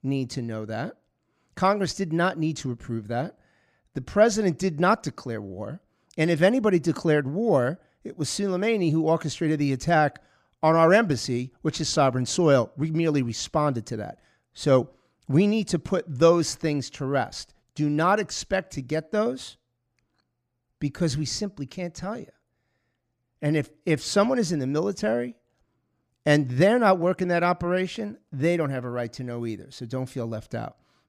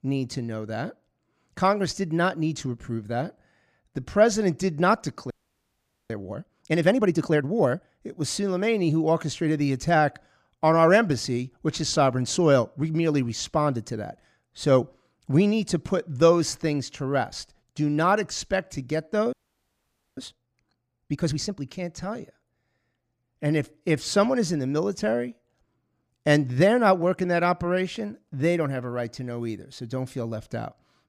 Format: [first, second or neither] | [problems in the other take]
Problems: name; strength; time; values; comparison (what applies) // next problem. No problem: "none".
first | audio freezing; at 5.5 s for 1 s and at 19 s for 1 s